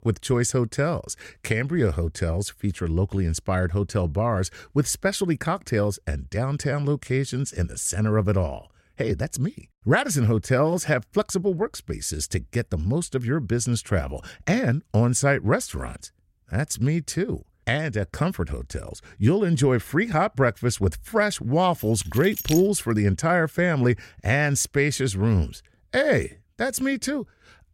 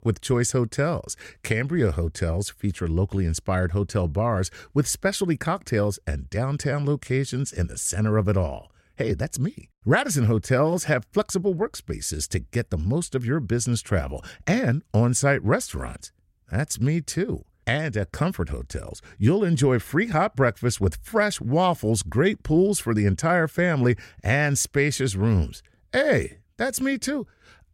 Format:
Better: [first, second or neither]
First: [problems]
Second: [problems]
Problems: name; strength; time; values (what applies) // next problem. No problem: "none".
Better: second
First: jangling keys; noticeable; at 22 s; peak 6 dB below the speech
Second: none